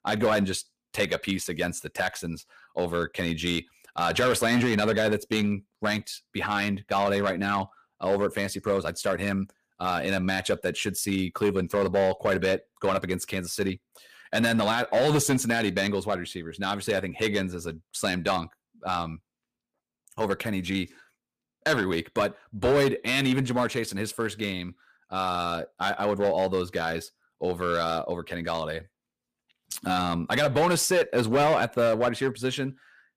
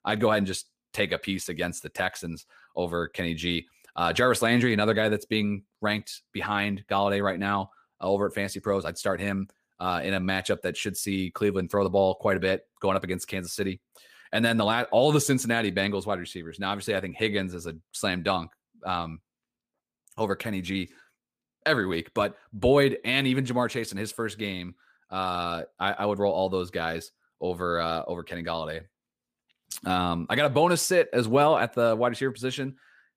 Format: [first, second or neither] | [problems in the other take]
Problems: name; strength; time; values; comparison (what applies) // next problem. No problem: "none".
second | distortion; slight; 4% of the sound clipped